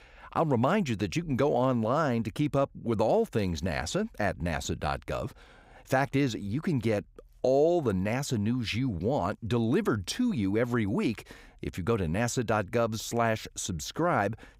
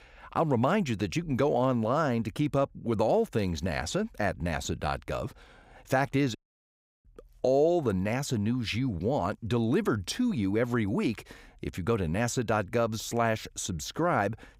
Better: first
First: none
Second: audio cutting out; at 6.5 s for 0.5 s

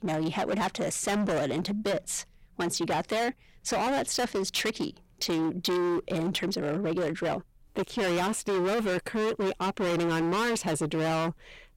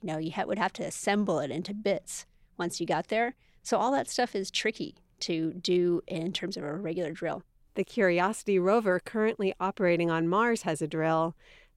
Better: second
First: distortion; heavy; 28% of the sound clipped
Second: none

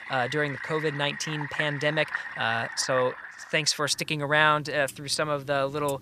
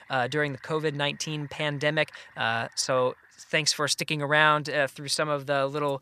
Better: second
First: household noises; loud; throughout; 9 dB below the speech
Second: household noises; faint; throughout; 25 dB below the speech

